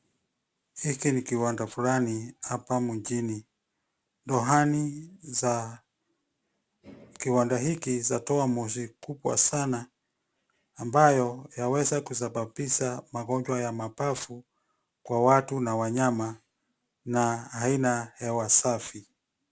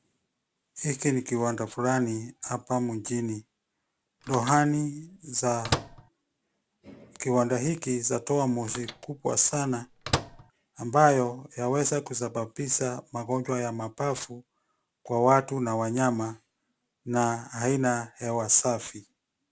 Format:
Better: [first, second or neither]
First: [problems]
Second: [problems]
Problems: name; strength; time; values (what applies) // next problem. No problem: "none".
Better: first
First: none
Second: background sound (Microwave oven); 8 dB below the speech